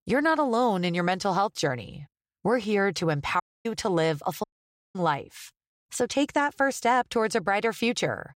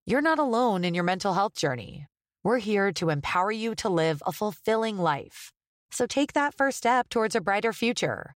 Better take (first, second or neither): second